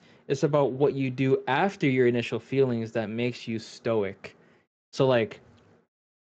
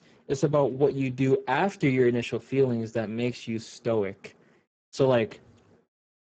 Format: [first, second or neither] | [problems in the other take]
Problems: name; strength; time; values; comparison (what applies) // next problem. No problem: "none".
first | garbled, watery; badly; nothing above 7.5 kHz; slightly in the first